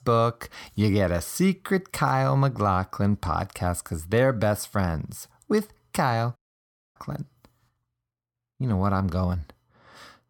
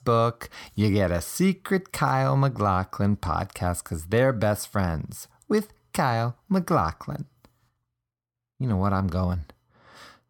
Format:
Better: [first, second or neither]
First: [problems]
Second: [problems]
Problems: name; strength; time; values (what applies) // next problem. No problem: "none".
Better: second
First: audio cutting out; at 6.5 s for 0.5 s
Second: none